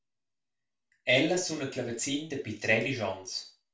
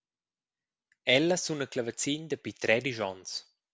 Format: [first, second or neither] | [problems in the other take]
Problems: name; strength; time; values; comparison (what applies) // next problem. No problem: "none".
second | room echo; dies away in 0.3 s